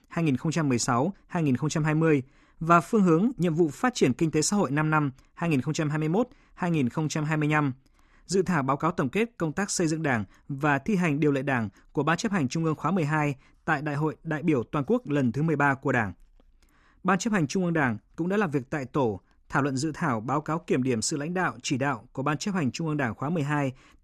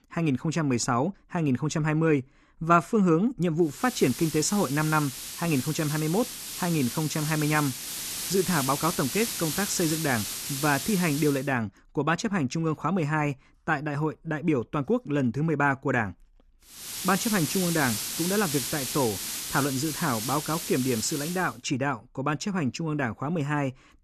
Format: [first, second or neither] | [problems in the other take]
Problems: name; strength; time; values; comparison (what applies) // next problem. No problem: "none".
first | hiss; loud; from 4 to 11 s and from 17 to 21 s; 5 dB below the speech